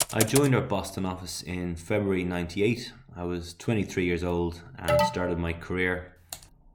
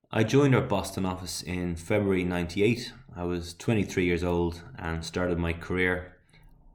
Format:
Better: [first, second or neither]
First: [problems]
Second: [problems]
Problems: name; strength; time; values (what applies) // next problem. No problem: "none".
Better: second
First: keyboard typing; loud; at the start; peak 3 dB above the speech // alarm; loud; at 5 s; peak 4 dB above the speech // keyboard typing; faint; at 6.5 s; peak 15 dB below the speech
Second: none